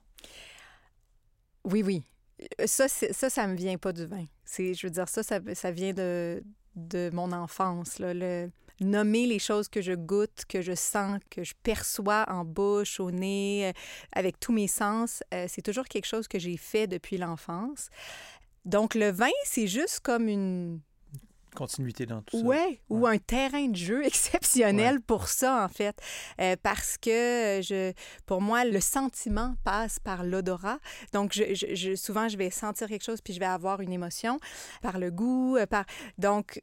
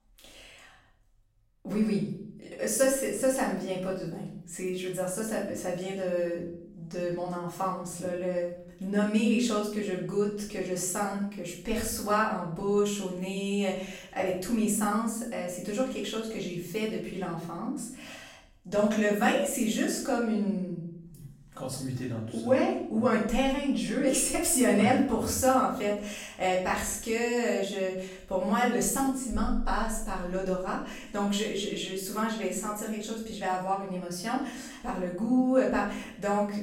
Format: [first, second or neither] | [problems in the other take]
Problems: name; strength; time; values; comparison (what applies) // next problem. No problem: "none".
first | room echo; noticeable; dies away in 0.6 s // off-mic speech; far